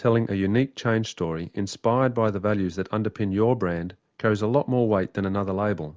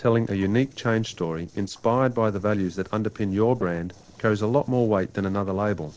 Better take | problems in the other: first | noise reduction (neural separator model SepFormer DNS4)

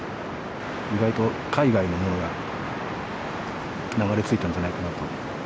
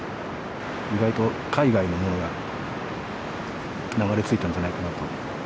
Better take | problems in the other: second | background sound (Train); 16 dB below the speech

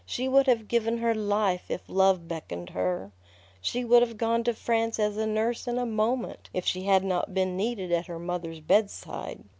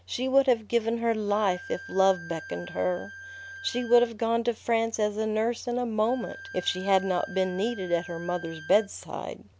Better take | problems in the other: first | background sound (Bowed string instrument); 17 dB below the speech

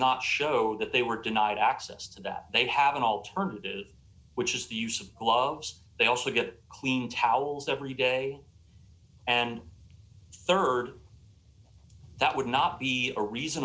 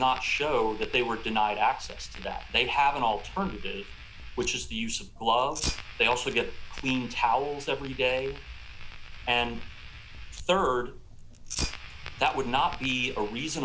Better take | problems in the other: first | background sound (Fire); 10 dB below the speech

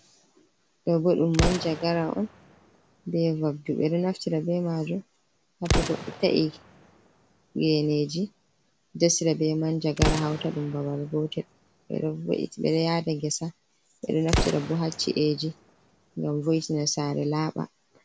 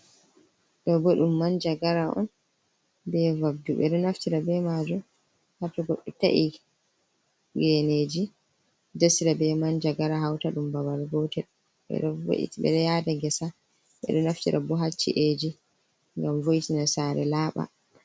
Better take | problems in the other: second | background sound (Explosion); 8 dB below the speech

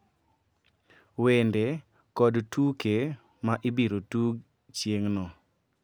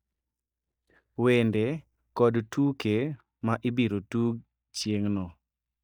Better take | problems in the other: first | noise reduction (neural mask model DeepFilterNet 3)

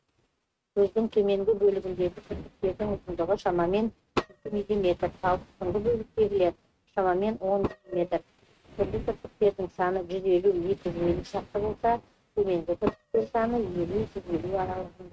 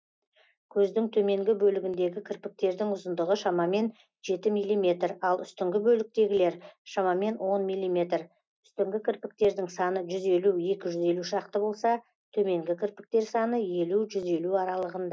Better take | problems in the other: second | noise reduction (neural mask model RNNoise)

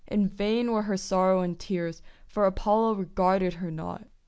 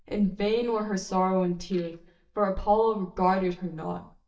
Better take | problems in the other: first | noise reduction (neural mask model DeepFilterNet 3)

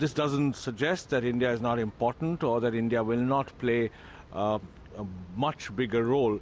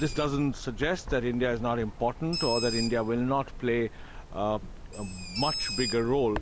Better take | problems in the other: first | background sound (Bird); 8 dB below the speech

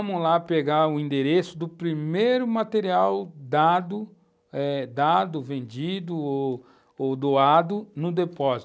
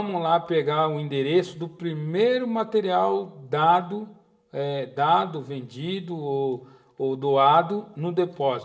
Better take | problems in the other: first | room echo; dies away in 0.7 s

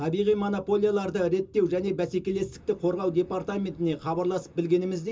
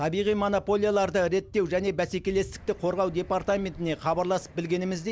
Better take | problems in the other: second | room echo; dies away in 0.2 s

